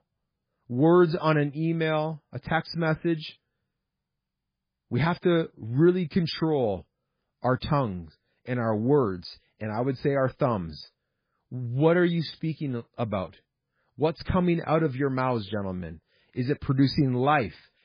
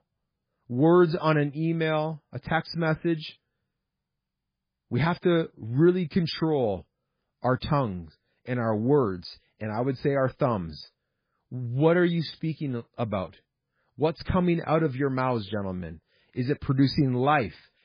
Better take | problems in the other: neither | garbled, watery; badly; nothing above 5 kHz; the same in both

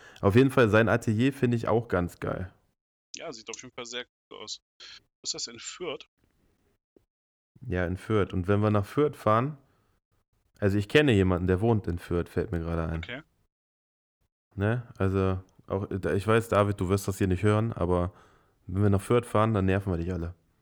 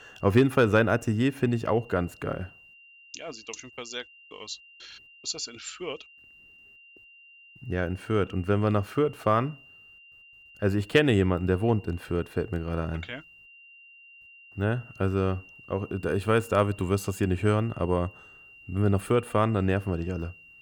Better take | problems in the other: first | high-pitched whine; faint; throughout; 3 kHz, 25 dB below the speech

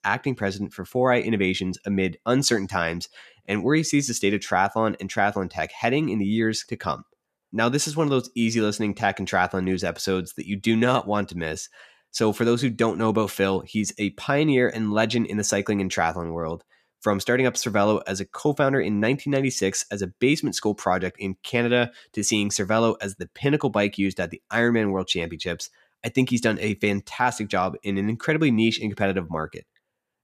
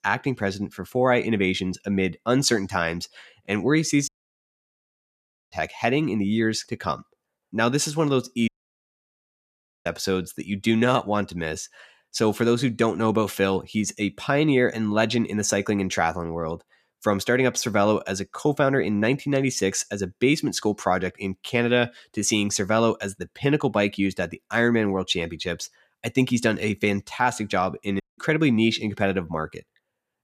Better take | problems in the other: first | audio cutting out; at 4 s for 1.5 s, at 8.5 s for 1.5 s and at 28 s

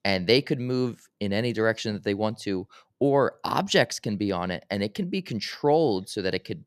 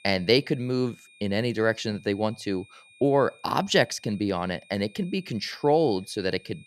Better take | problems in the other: first | high-pitched whine; faint; throughout; 2.5 kHz, 25 dB below the speech

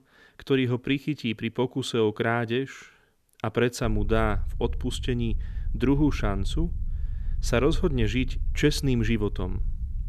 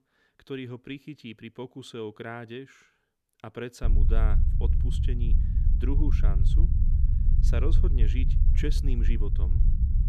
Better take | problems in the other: first | low rumble; loud; from 4 s on; 5 dB below the speech; faint in the first

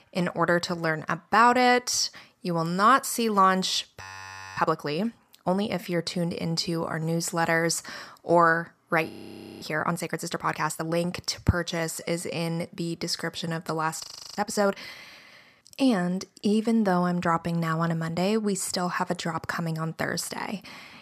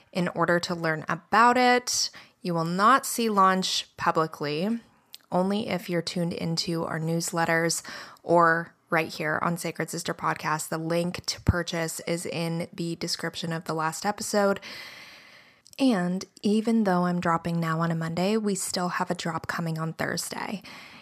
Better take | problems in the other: second | audio freezing; at 4 s for 0.5 s, at 9 s for 0.5 s and at 14 s

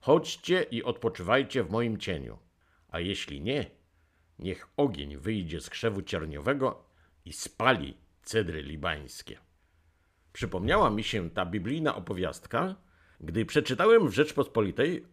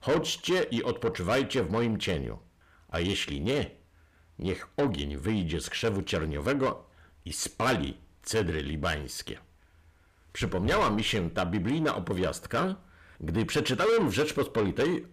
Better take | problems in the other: first | distortion; heavy; 6 dB below the speech

